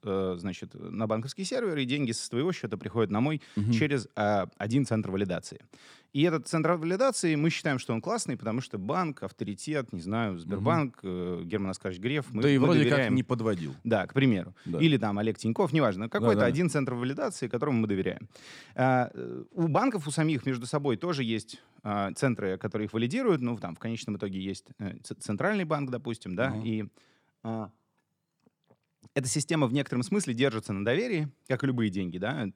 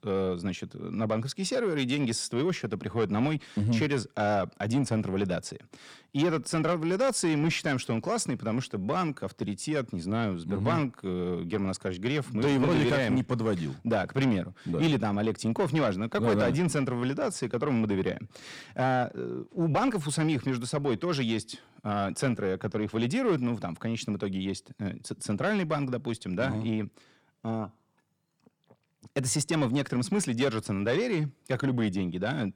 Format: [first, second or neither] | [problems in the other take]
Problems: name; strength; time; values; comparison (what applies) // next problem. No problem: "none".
first | distortion; slight; 10 dB below the speech